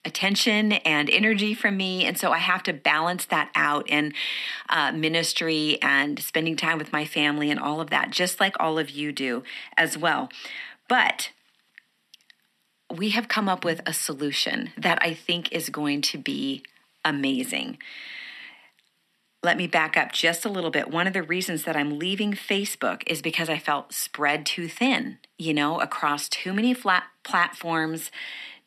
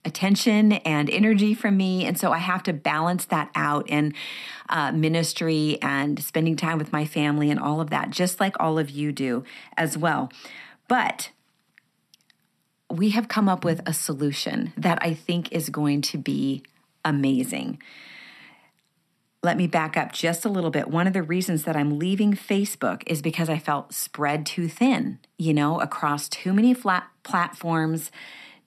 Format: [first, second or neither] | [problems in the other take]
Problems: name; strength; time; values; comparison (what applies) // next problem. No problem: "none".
second | thin; very slightly; fading below 250 Hz